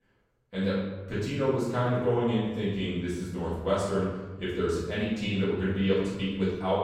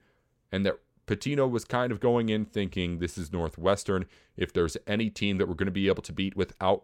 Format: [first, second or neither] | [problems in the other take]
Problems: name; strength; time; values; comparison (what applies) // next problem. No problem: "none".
second | off-mic speech; far // room echo; strong; dies away in 1.1 s